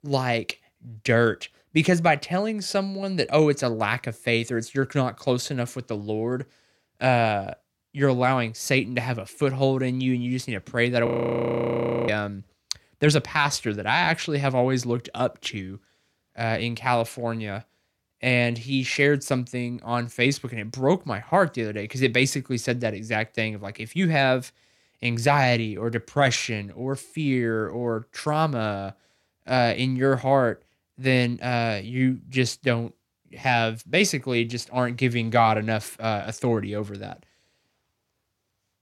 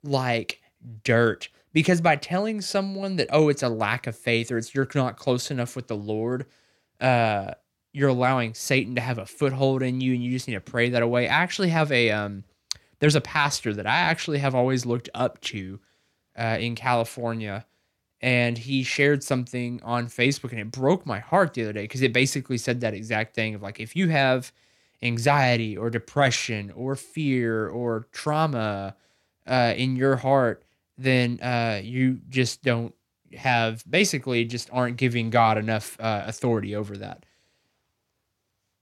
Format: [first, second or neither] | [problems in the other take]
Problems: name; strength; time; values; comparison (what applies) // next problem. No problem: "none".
second | audio freezing; at 11 s for 1 s